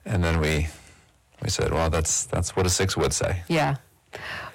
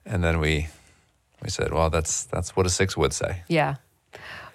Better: second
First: distortion; heavy; 7 dB below the speech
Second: none

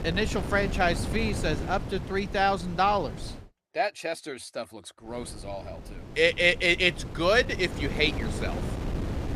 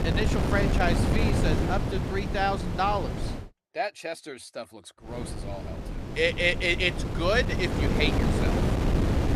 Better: first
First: wind noise on the microphone; occasional gusts; until 3.5 s and from 5 s on; 15 dB below the speech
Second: wind noise on the microphone; heavy; until 3.5 s and from 5 s on; 6 dB below the speech

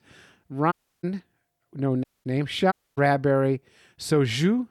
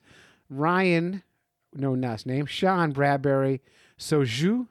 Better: second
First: audio cutting out; at 0.5 s, at 2 s and at 2.5 s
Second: none

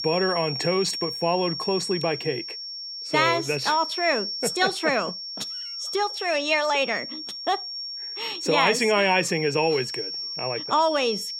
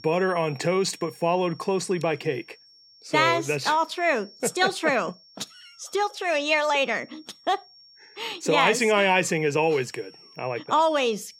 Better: second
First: high-pitched whine; loud; throughout; 5.5 kHz, 6 dB below the speech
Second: high-pitched whine; faint; throughout; 5.5 kHz, 25 dB below the speech

